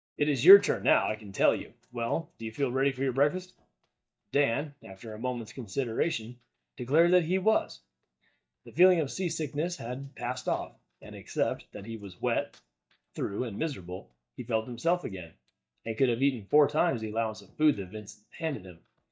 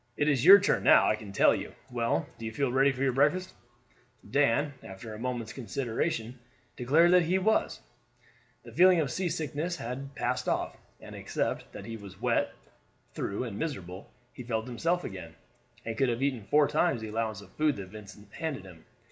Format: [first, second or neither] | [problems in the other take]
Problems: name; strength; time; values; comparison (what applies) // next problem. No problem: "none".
second | noise reduction (neural mask model DeepFilterNet 3)